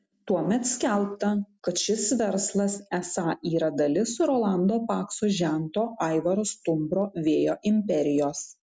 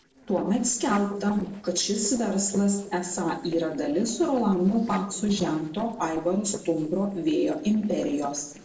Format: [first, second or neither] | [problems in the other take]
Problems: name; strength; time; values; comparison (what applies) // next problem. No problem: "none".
first | noise reduction (neural separator model SepFormer DNS4)